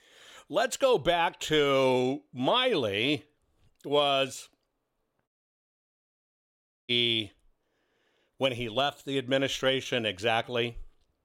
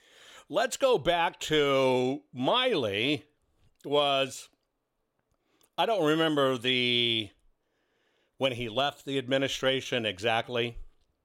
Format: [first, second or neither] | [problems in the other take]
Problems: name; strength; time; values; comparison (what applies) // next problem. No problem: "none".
second | audio cutting out; at 5.5 s for 1.5 s